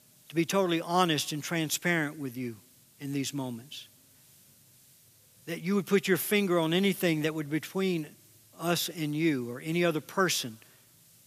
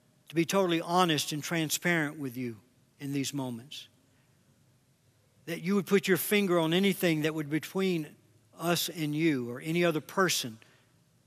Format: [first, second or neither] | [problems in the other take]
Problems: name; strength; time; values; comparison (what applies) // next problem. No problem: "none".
second | hiss; faint; throughout; 30 dB below the speech